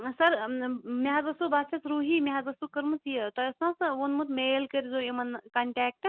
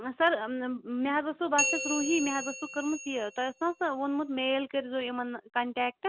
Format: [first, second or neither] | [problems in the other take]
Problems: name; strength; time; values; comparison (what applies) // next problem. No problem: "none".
first | background sound (Bell); 5 dB below the speech